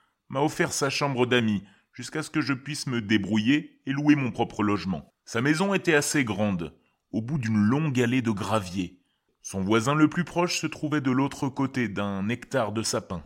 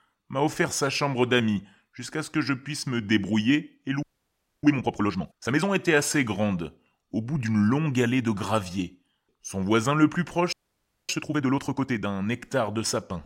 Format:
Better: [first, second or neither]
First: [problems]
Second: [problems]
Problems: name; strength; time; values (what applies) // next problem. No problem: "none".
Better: first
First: none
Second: audio freezing; at 4 s for 0.5 s and at 11 s for 0.5 s